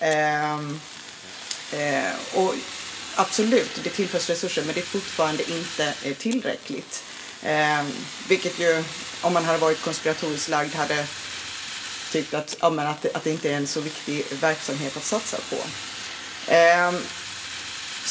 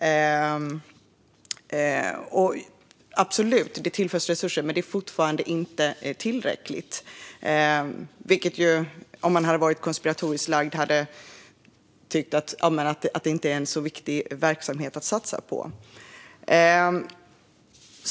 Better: second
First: background sound (Fire); 11 dB below the speech // room echo; dies away in 0.7 s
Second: none

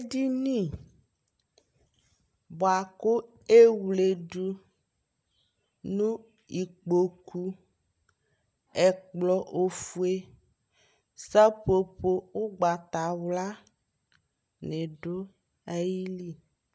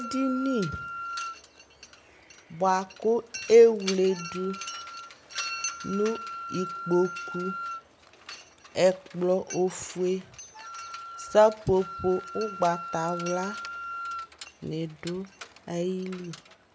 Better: first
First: none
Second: background sound (Mechanisms + Wind instrument, woodwind instrument); 11 dB below the speech

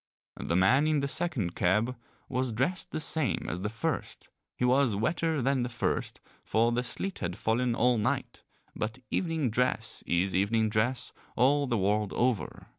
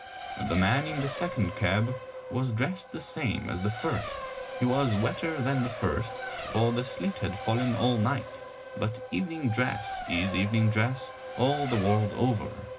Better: first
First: none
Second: background sound (Race car, auto racing); 9 dB below the speech // room echo; dies away in 0.4 s

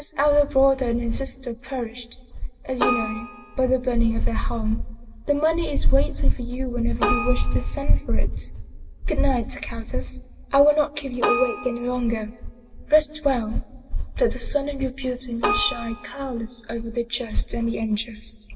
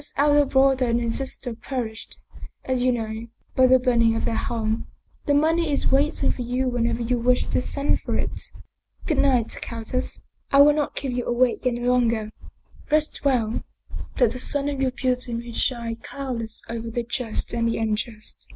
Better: second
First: background sound (Keyboard (musical)); 12 dB below the speech // room echo; dies away in 1.6 s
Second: none

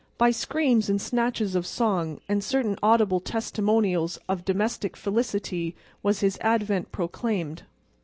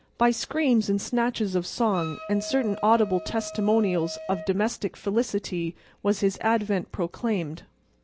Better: first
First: none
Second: background sound (Wind instrument, woodwind instrument); 15 dB below the speech

